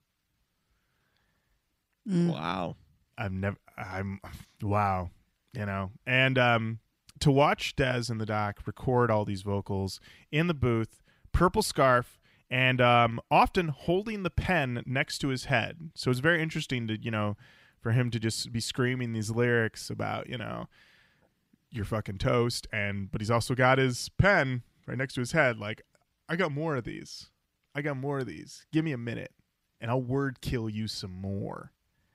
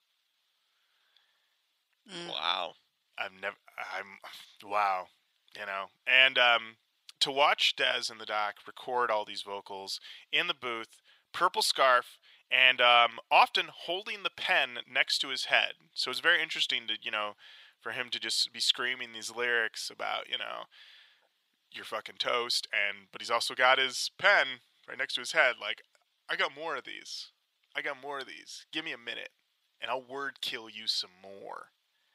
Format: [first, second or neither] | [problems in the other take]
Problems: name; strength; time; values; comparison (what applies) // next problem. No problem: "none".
first | thin; very; fading below 750 Hz